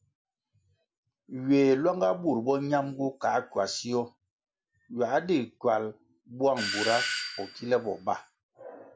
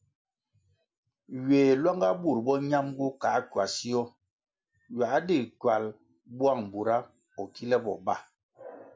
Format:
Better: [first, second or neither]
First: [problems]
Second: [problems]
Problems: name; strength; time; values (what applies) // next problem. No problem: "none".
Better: second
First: background sound (Doorbell); 5 dB below the speech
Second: none